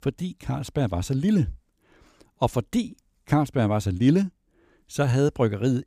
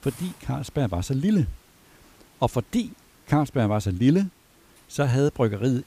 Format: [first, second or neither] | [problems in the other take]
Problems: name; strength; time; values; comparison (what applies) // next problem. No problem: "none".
first | hiss; faint; throughout; 30 dB below the speech